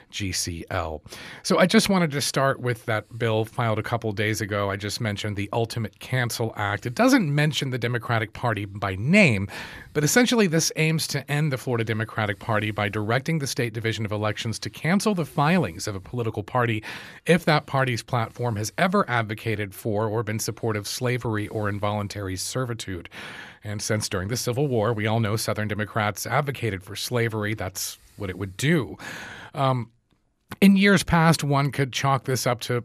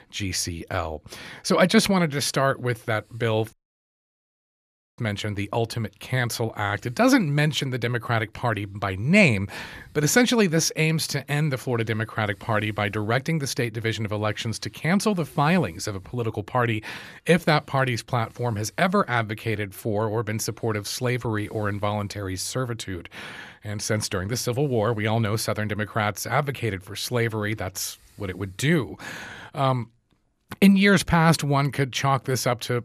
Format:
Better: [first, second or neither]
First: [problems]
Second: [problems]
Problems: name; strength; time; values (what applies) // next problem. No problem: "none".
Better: first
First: none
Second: audio cutting out; at 3.5 s for 1.5 s